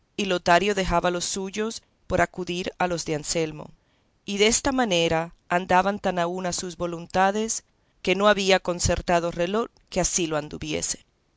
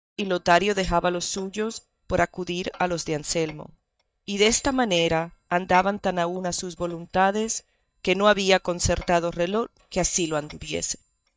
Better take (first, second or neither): first